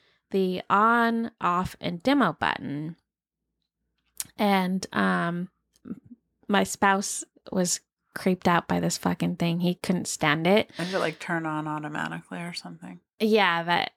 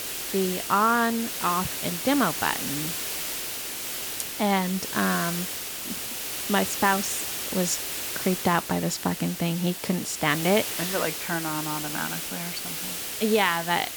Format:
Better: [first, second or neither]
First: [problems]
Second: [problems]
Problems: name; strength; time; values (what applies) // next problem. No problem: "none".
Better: first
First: none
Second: hiss; loud; throughout; 3 dB below the speech